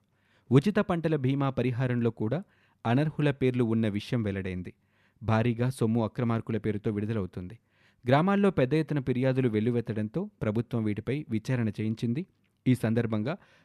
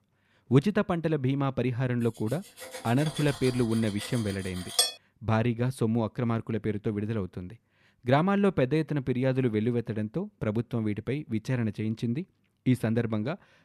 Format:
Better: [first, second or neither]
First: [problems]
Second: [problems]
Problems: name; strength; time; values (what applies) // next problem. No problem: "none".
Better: first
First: none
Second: clattering dishes; loud; from 3 to 5 s; peak 3 dB above the speech